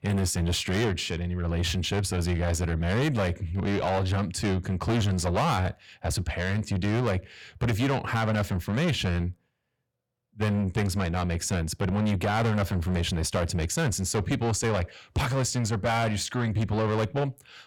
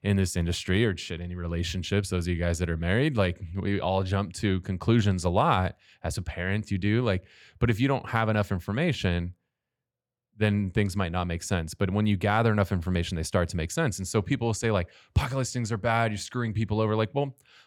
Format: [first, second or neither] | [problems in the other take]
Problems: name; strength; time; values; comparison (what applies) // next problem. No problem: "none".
second | distortion; heavy; 6 dB below the speech